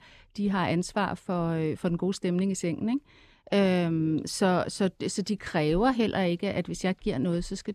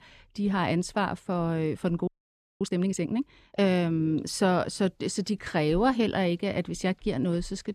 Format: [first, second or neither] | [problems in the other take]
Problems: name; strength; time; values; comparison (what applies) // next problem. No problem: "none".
first | audio freezing; at 2 s for 0.5 s